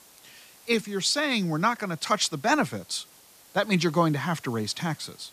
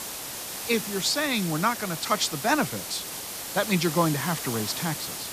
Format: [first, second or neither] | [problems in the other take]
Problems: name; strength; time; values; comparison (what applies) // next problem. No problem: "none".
first | hiss; loud; throughout; 6 dB below the speech; faint in the first